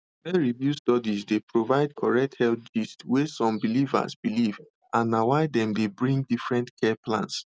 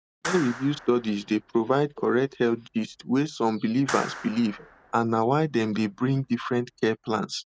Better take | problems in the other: first | background sound (Clapping); 16 dB below the speech

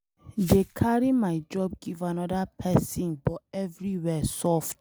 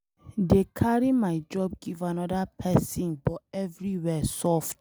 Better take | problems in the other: second | background sound (Glass); 18 dB below the speech

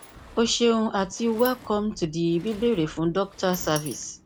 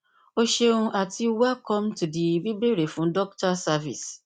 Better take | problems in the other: second | background sound (Sliding door + Wind); 18 dB below the speech

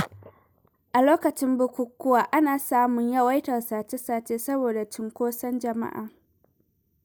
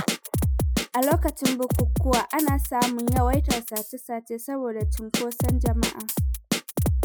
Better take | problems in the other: first | noise reduction (classical method Wiener filter)

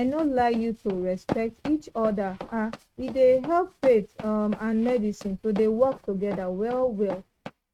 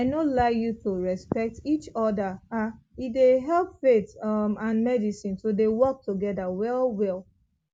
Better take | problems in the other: second | noise reduction (neural mask model RNNoise)

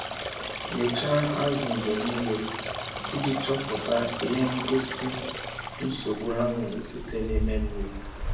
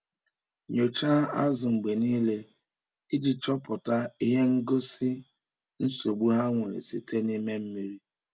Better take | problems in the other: second | background sound (Stream); 3 dB below the speech // room echo; dies away in 0.6 s

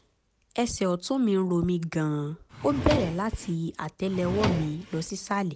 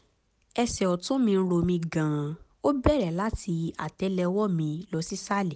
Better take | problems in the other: second | background sound (Drawer open or close); 6 dB below the speech

